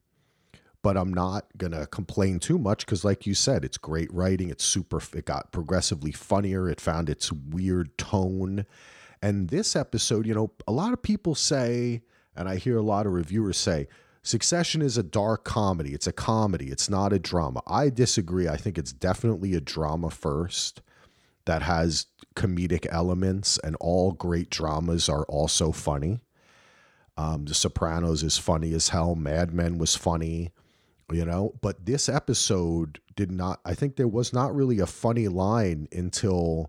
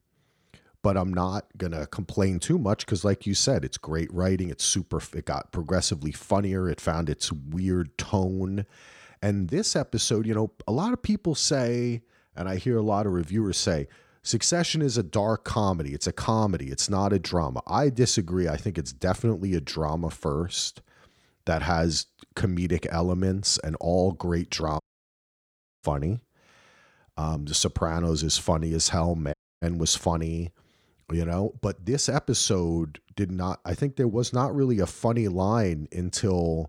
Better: first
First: none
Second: audio cutting out; at 25 s for 1 s and at 29 s

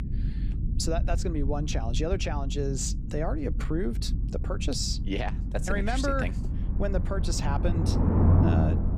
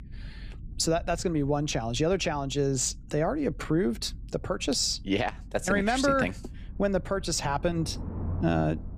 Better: second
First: low rumble; loud; throughout; 7 dB below the speech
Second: low rumble; faint; throughout; 25 dB below the speech

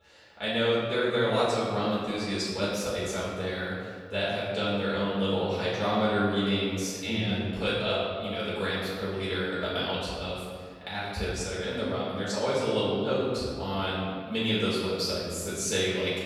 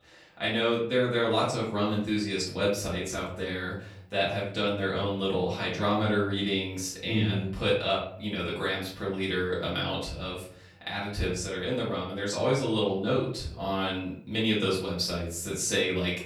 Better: second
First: room echo; strong; dies away in 1.7 s // off-mic speech; far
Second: room echo; slight; dies away in 0.5 s // off-mic speech; far

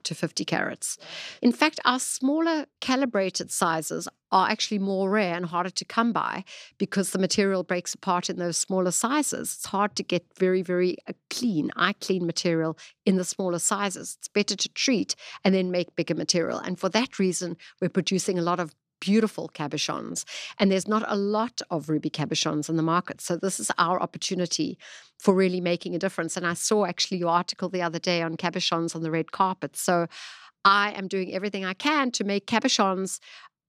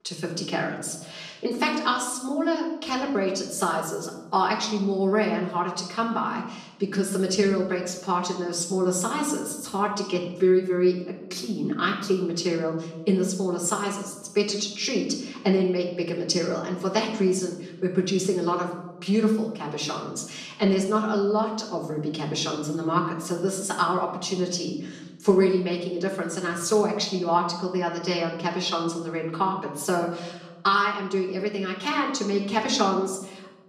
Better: first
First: none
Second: off-mic speech; far // room echo; noticeable; dies away in 0.8 s

